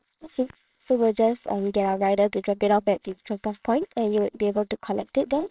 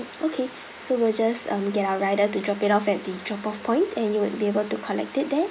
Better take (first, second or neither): second